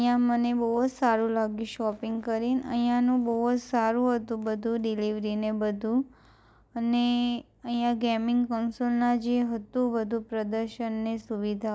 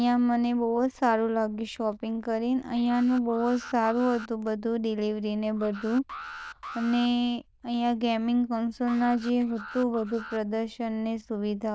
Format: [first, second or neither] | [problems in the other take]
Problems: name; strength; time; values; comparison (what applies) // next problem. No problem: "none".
first | noise reduction (neural diffusion model UNIVERSE++)